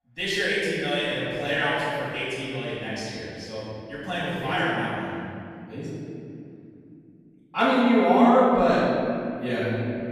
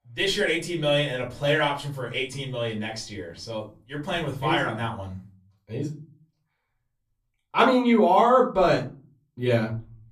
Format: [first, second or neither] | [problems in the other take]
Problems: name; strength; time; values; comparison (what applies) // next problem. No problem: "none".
second | room echo; strong; dies away in 2.6 s; slight in the second // off-mic speech; far; far in the second